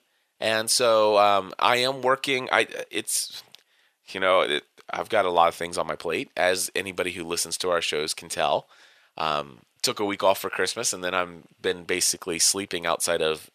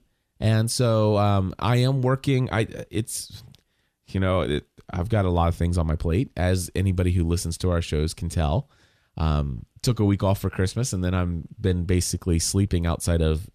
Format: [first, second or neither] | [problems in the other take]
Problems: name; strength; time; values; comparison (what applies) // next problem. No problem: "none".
second | thin; very; fading below 650 Hz